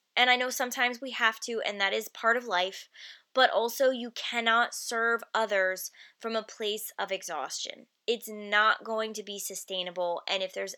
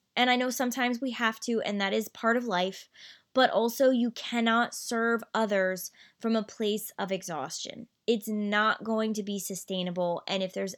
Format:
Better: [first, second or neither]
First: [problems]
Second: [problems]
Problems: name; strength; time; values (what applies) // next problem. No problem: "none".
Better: second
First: thin; somewhat; fading below 450 Hz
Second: none